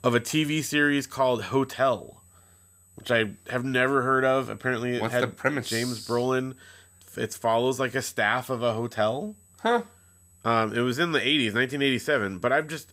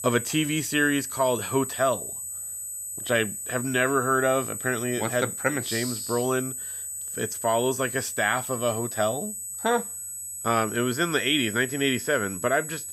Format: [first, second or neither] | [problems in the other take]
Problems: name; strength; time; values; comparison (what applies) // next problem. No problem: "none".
first | high-pitched whine; loud; throughout; 8 kHz, 6 dB below the speech; faint in the first